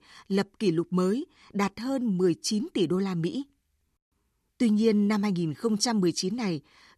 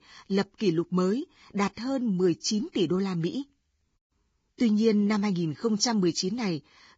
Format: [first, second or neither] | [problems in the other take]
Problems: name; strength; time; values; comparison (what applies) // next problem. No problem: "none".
first | garbled, watery; badly